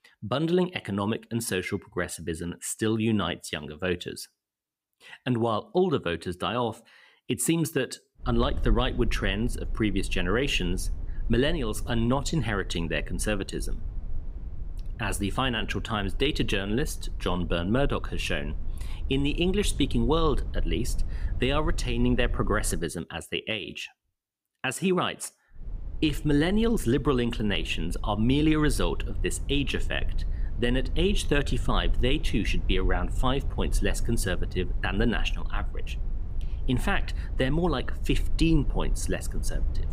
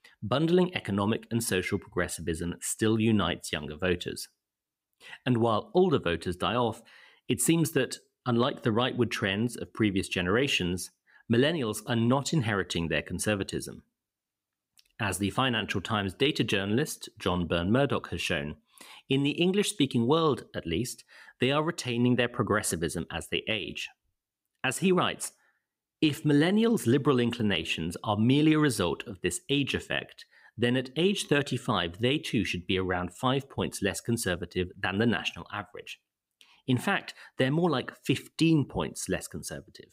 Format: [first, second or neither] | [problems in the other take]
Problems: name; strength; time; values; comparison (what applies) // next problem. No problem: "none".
second | low rumble; faint; from 8.5 to 23 s and from 26 s on; 25 dB below the speech